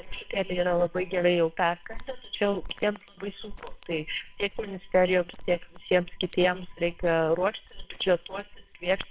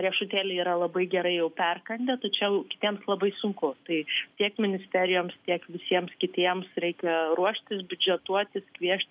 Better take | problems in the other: second | noise reduction (neural separator model SepFormer WHAMR!)

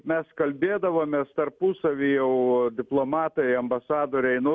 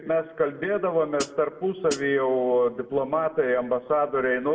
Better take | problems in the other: first | background sound (Hi-hat); 11 dB below the speech // room echo; dies away in 1.5 s

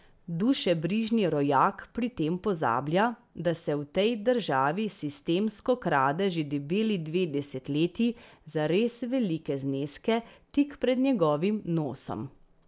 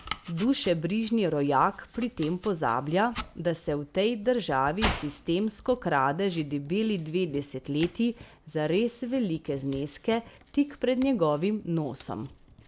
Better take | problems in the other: first | background sound (Domestic sounds, home sounds); 15 dB below the speech

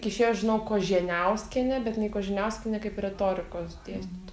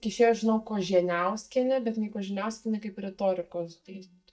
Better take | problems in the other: first | noise reduction (neural mask model DeepFilterNet 3)

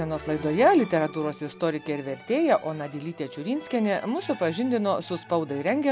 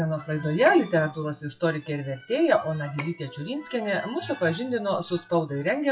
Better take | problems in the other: first | noise reduction (classical method WPE with log-MMSE)

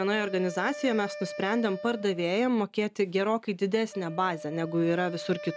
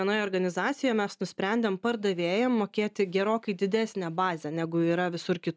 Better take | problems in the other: second | background sound (Wind instrument, woodwind instrument); 14 dB below the speech

